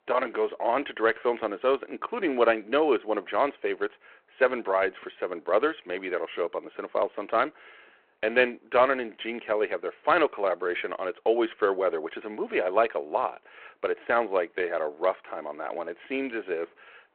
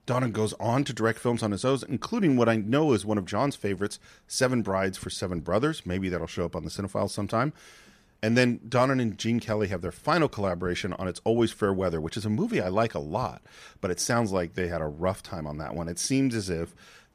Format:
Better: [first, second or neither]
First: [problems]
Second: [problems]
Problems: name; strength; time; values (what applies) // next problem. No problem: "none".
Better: second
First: phone-call audio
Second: none